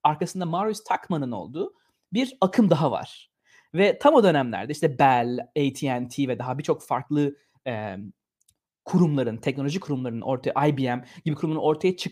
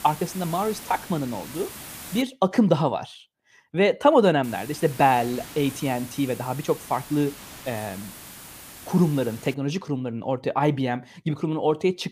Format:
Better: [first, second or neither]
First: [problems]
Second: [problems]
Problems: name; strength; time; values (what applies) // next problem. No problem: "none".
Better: first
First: none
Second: hiss; noticeable; until 2 s and from 4.5 to 9.5 s; 15 dB below the speech